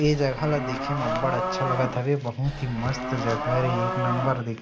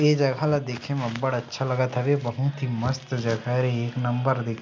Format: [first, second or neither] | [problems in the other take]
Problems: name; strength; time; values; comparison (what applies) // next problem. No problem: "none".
second | background sound (Livestock, farm animals, working animals); 3 dB below the speech